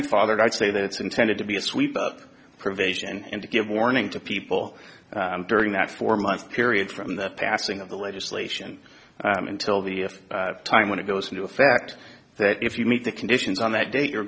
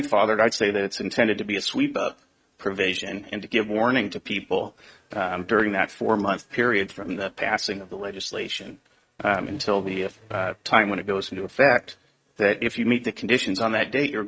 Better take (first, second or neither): first